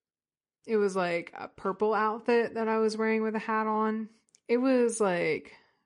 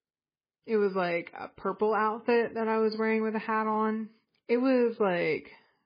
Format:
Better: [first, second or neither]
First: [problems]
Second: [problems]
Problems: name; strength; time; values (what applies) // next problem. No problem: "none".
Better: first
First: garbled, watery; slightly; nothing above 9.5 kHz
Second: garbled, watery; badly